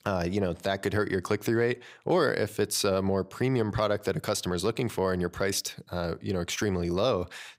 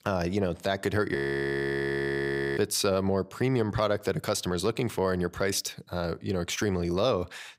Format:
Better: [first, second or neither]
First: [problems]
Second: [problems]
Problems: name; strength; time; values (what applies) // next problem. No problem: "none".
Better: first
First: none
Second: audio freezing; at 1 s for 1.5 s